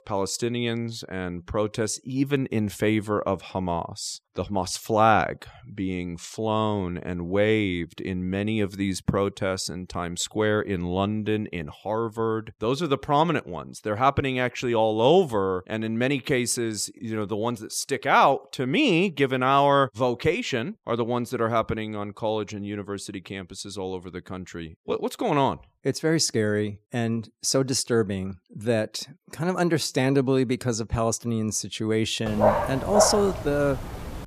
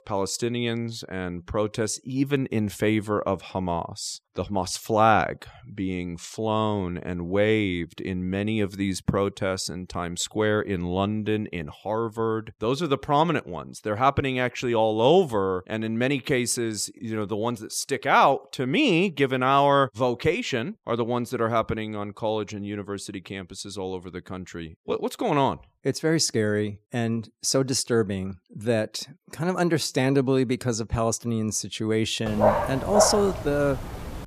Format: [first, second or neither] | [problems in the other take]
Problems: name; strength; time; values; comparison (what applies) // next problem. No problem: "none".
neither | dog barking; loud; from 32 s on; peak 3 dB above the speech; the same in both